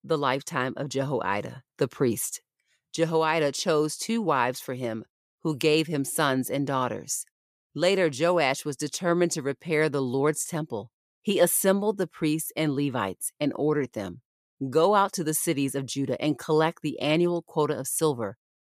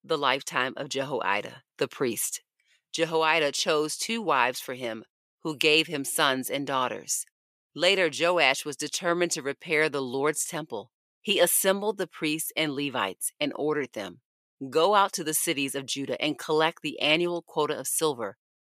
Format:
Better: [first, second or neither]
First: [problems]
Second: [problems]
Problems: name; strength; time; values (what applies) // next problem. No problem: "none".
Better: first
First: none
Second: thin; very slightly; fading below 900 Hz